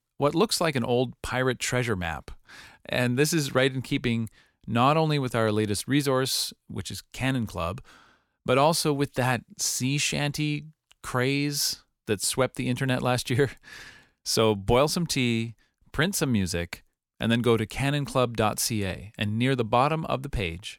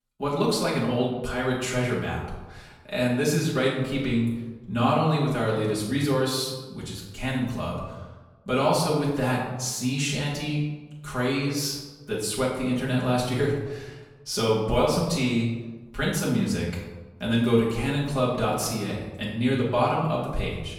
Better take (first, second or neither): first